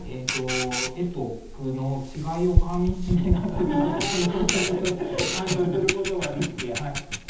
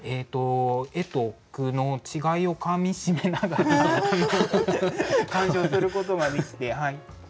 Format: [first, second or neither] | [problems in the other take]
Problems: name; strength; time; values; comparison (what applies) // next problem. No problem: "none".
second | background sound (Camera); 2 dB below the speech // room echo; dies away in 0.8 s